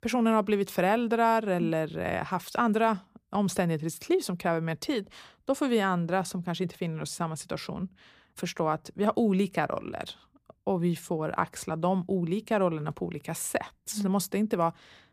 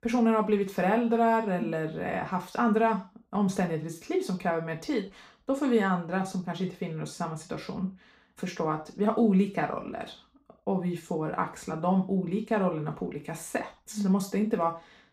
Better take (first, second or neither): first